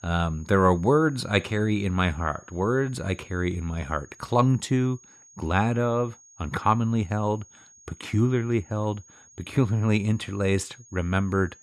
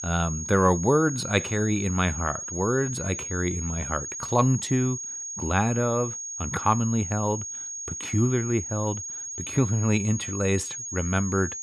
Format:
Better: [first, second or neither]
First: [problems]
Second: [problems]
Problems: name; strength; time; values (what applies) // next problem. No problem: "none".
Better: first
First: high-pitched whine; faint; throughout; 6.5 kHz, 25 dB below the speech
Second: high-pitched whine; loud; throughout; 6.5 kHz, 6 dB below the speech